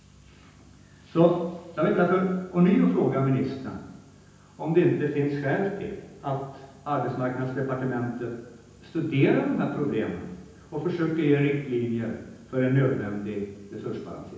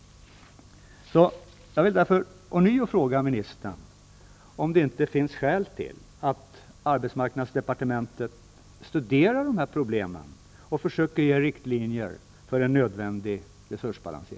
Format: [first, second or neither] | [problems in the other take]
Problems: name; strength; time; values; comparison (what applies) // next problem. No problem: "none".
second | room echo; dies away in 0.9 s